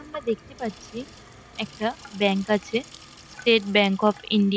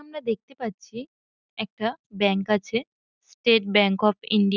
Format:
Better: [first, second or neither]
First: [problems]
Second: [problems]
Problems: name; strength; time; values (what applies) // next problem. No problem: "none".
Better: second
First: background sound (Sink (filling or washing) / Water tap, faucet); 20 dB below the speech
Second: none